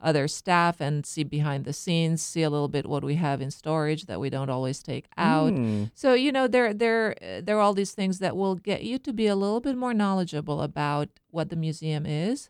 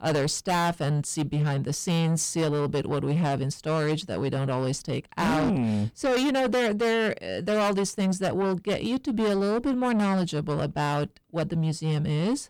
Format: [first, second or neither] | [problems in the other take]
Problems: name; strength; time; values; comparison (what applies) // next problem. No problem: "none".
first | distortion; heavy; 7 dB below the speech